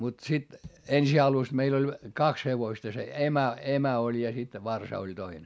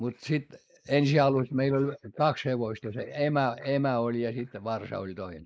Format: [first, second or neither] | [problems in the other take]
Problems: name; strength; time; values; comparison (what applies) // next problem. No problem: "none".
first | noise reduction (neural mask model Resemble Enhance denoiser)